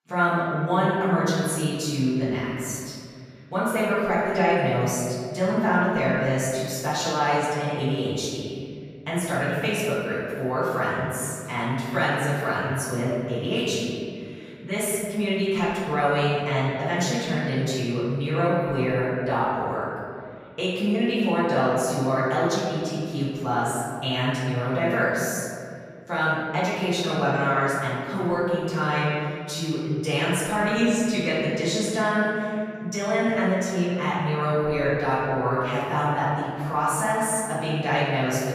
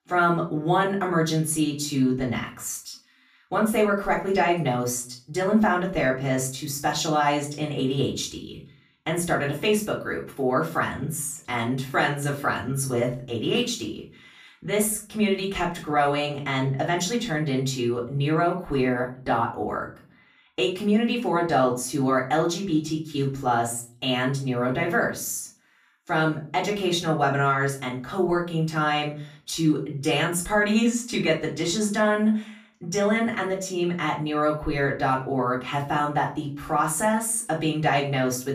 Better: second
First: room echo; strong; dies away in 2.2 s // off-mic speech; far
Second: room echo; slight; dies away in 0.3 s // off-mic speech; far

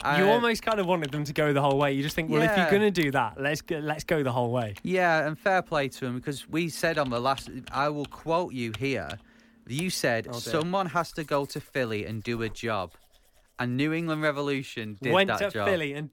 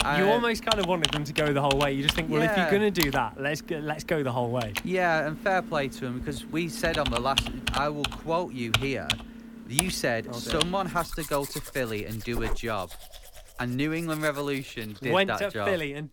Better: first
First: household noises; faint; throughout; 20 dB below the speech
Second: household noises; loud; throughout; 4 dB below the speech

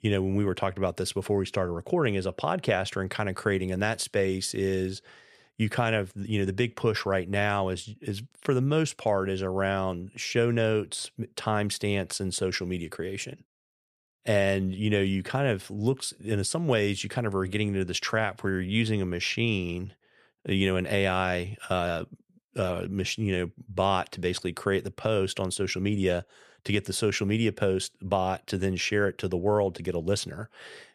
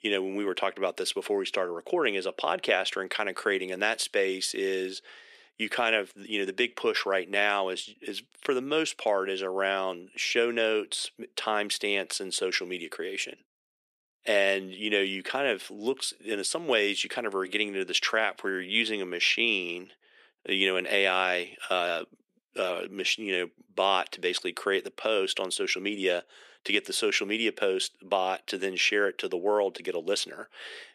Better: first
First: none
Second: thin; somewhat; fading below 300 Hz

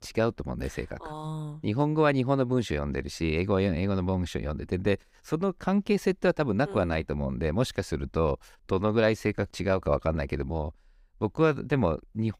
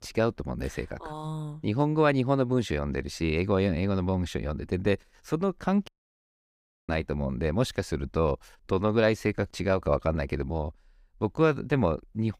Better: first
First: none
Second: audio cutting out; at 6 s for 1 s

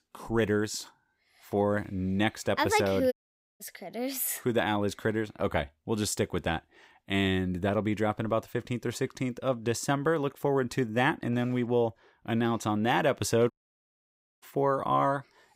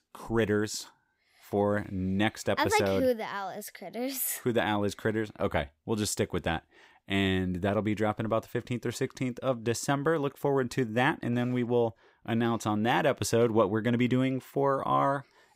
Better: second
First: audio cutting out; at 3 s and at 14 s for 1 s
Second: none

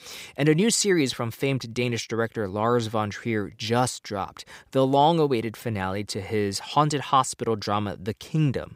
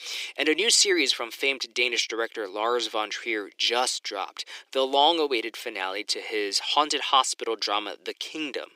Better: first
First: none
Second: thin; very; fading below 300 Hz

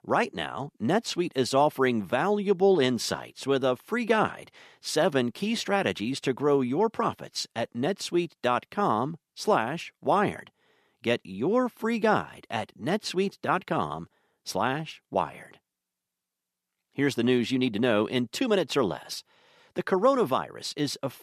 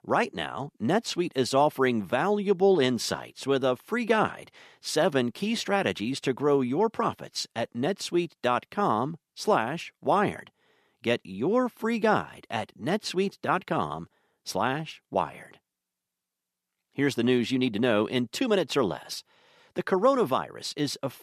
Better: neither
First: none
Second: none

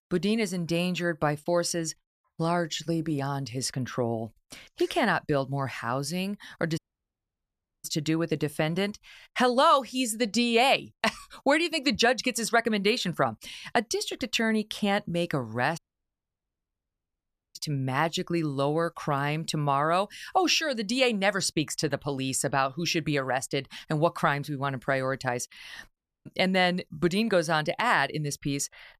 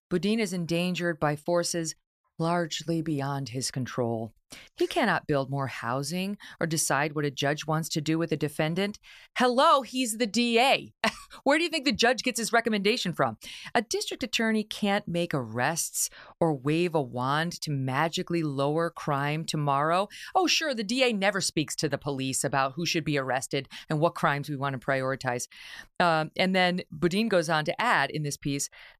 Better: second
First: audio cutting out; at 7 s for 1 s, at 16 s for 2 s and at 26 s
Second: none

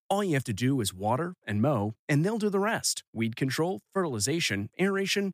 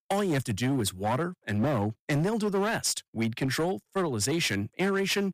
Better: first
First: none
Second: distortion; slight; 13% of the sound clipped

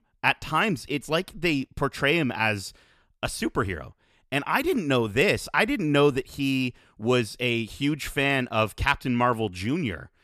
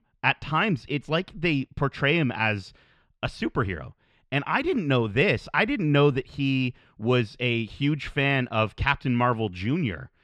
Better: first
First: none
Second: muffled; very slightly; fading above 3 kHz

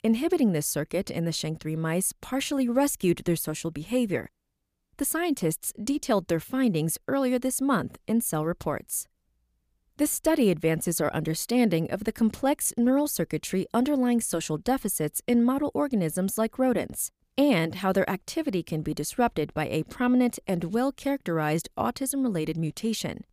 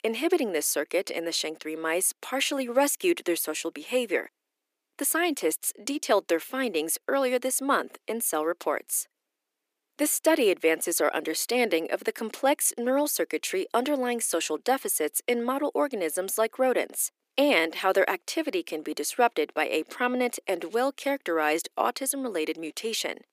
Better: first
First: none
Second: thin; somewhat; fading below 300 Hz

